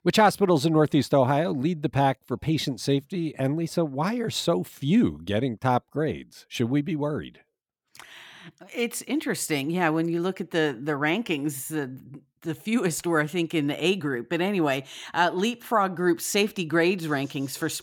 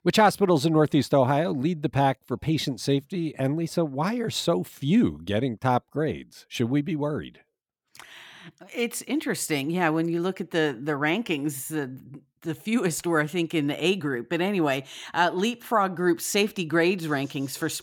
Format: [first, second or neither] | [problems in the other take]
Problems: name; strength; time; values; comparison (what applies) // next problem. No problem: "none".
neither | none